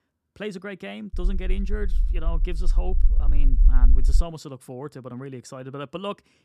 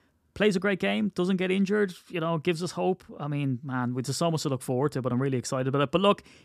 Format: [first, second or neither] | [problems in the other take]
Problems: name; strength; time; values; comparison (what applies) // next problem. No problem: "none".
second | low rumble; noticeable; from 1 to 4 s; 15 dB below the speech